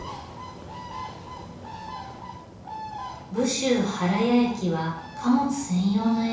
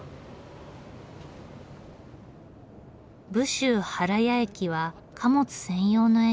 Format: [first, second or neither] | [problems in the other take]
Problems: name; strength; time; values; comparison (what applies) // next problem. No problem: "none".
second | background sound (Bird); 13 dB below the speech // room echo; dies away in 0.7 s